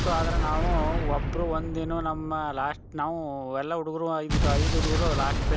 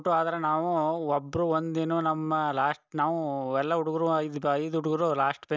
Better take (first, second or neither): second